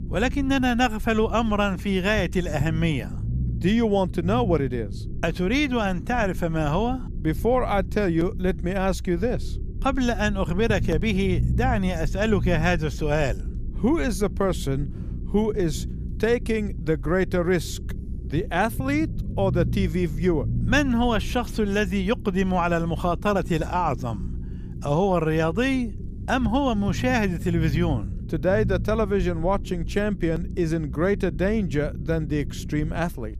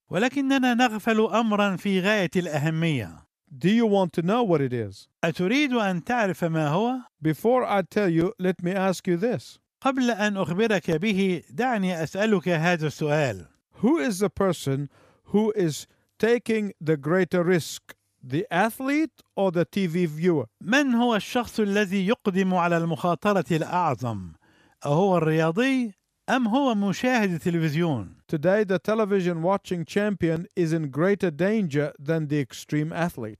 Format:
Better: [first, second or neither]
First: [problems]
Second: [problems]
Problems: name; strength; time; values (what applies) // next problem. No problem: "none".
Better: second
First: low rumble; noticeable; throughout; 20 dB below the speech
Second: none